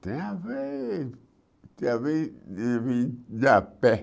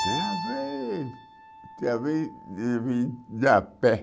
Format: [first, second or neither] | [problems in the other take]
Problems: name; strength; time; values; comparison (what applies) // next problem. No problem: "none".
first | background sound (Keyboard (musical)); 10 dB below the speech